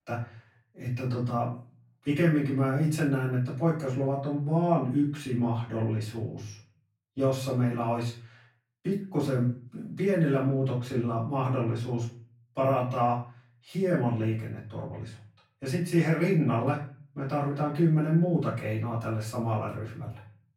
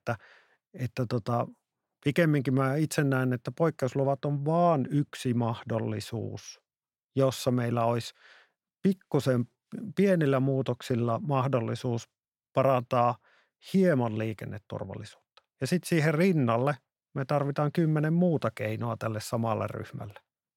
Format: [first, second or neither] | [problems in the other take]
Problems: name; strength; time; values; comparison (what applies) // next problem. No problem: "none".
second | off-mic speech; far // room echo; slight; dies away in 0.4 s